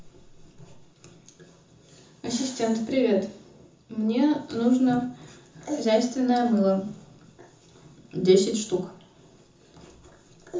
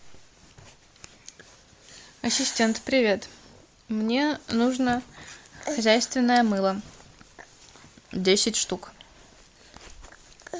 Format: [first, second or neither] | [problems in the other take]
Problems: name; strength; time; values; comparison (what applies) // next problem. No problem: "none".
second | room echo; dies away in 0.5 s